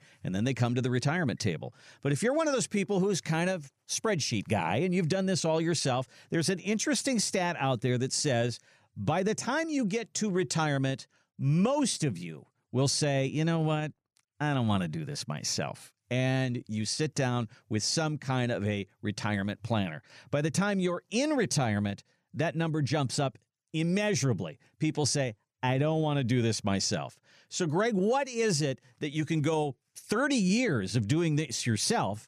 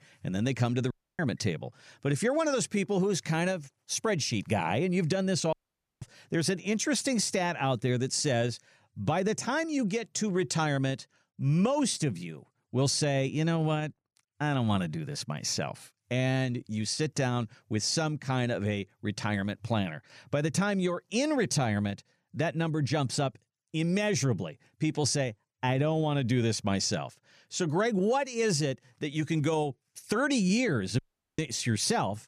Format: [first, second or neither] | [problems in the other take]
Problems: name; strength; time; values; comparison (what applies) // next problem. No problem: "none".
first | audio cutting out; at 1 s, at 5.5 s and at 31 s